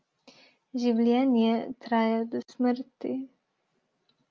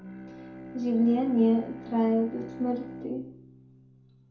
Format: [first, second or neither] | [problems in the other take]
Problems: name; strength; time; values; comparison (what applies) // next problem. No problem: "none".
first | background sound (Bowed string instrument); 14 dB below the speech // room echo; dies away in 0.6 s